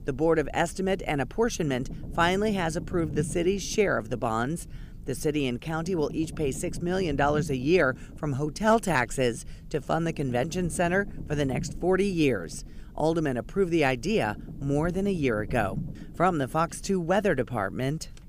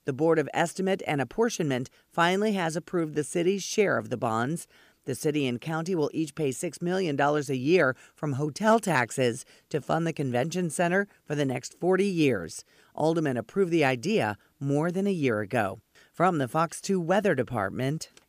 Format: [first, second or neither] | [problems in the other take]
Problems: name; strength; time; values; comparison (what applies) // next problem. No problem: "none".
second | low rumble; faint; throughout; 20 dB below the speech